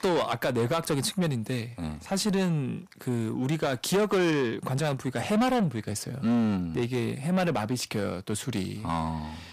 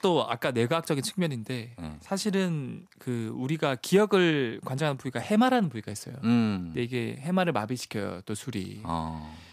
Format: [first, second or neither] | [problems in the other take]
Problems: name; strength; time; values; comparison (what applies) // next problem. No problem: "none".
second | distortion; heavy; 8 dB below the speech